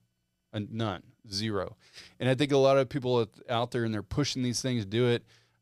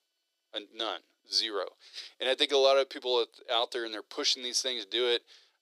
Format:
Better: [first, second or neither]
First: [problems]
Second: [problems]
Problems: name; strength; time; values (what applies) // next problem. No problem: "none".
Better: first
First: none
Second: thin; very; fading below 350 Hz